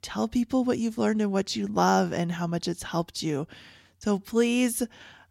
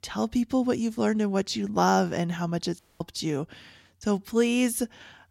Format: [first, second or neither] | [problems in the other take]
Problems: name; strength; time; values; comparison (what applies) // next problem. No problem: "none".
first | audio cutting out; at 3 s